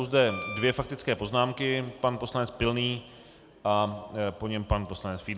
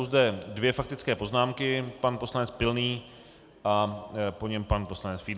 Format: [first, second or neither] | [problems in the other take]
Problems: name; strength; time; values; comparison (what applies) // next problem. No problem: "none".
second | background sound (Wind instrument, woodwind instrument); 10 dB below the speech